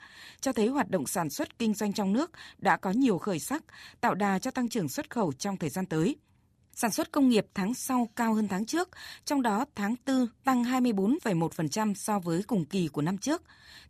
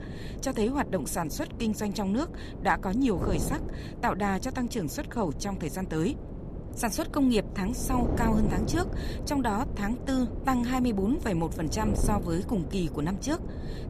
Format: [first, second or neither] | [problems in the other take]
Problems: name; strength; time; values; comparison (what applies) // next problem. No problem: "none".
first | wind noise on the microphone; occasional gusts; 10 dB below the speech